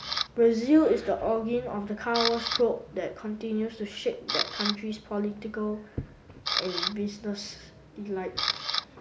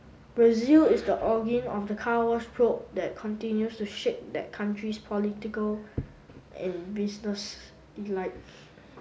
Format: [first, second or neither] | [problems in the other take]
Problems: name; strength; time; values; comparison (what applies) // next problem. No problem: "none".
second | background sound (Camera); 7 dB below the speech